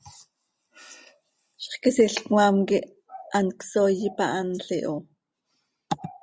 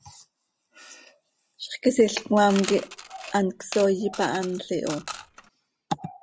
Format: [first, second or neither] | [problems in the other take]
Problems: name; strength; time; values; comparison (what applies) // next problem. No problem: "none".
first | background sound (Coin (dropping) / Mechanisms); 13 dB below the speech